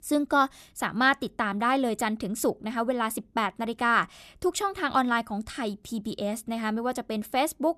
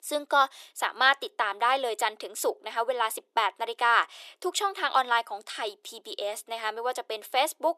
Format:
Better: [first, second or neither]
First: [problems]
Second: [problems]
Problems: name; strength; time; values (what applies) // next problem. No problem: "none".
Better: first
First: none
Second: thin; very; fading below 400 Hz